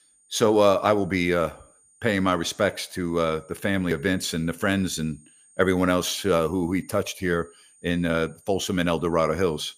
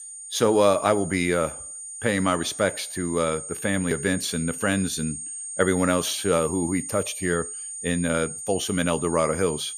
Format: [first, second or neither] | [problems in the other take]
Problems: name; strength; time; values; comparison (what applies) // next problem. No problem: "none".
first | high-pitched whine; loud; throughout; 8.5 kHz, 8 dB below the speech; faint in the first